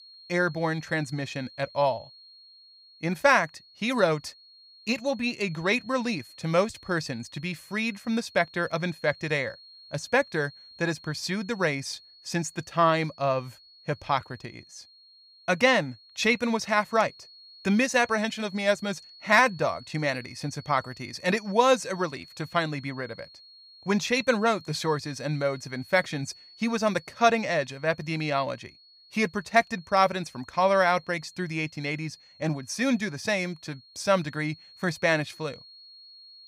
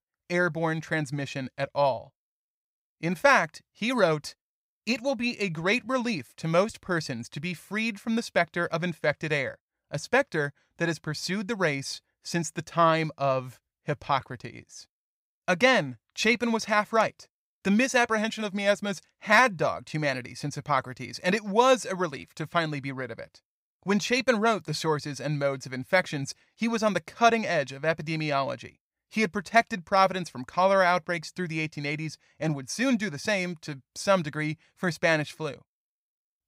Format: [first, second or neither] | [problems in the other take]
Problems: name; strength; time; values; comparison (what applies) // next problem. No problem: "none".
second | high-pitched whine; faint; throughout; 4.5 kHz, 20 dB below the speech